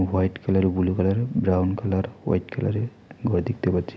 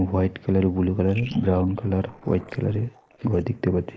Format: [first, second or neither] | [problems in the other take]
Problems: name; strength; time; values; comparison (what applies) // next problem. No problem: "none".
first | noise reduction (neural mask model Resemble Enhance denoiser)